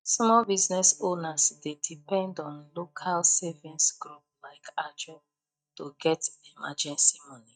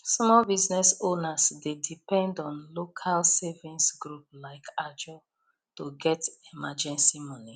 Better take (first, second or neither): second